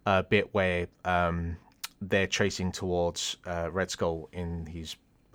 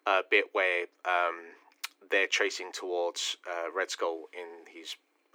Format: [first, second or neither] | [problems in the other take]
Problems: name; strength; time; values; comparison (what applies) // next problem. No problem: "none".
first | thin; very; fading below 300 Hz